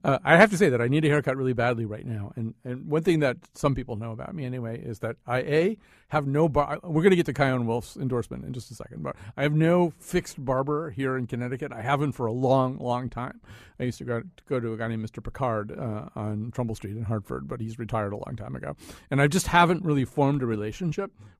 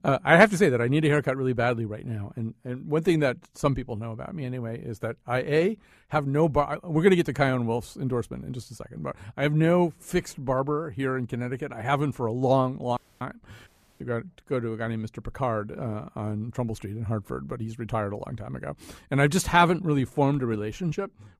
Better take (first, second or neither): first